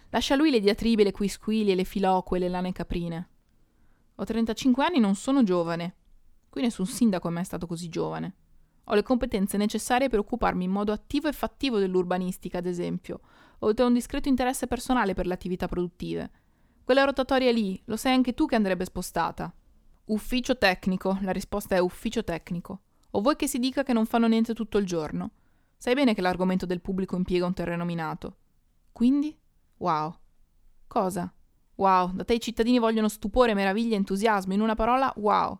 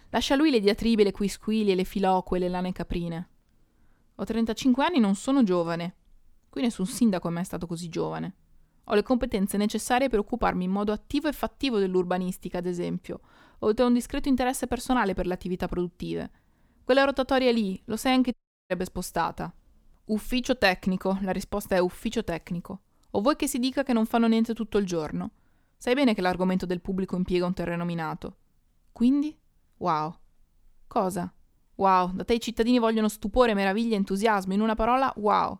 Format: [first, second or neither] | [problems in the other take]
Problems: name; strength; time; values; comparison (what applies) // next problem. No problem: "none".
first | audio cutting out; at 18 s